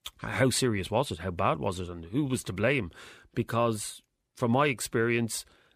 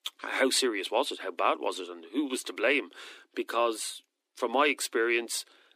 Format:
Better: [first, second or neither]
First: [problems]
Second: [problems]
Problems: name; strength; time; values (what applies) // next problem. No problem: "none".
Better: first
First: none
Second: thin; somewhat; fading below 250 Hz